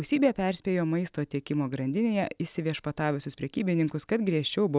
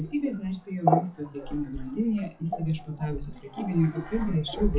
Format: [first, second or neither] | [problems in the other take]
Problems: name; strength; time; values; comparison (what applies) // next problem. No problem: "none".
first | noise reduction (classical method WPE with log-MMSE)